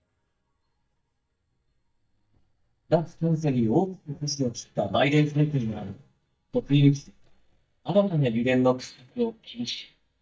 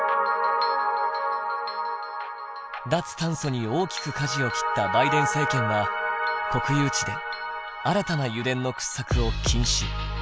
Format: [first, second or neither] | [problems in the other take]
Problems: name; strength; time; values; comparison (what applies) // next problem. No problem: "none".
second | noise reduction (neural mask model DeepFilterNet 3)